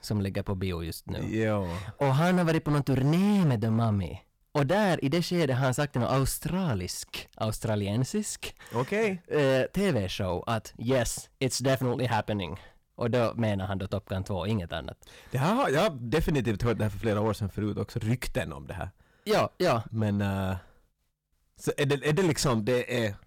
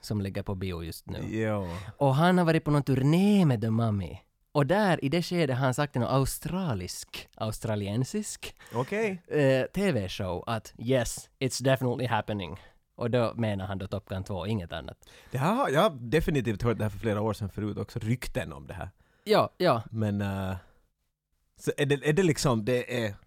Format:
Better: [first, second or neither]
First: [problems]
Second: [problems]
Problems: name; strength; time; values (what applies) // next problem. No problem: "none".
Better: second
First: distortion; slight; 8% of the sound clipped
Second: none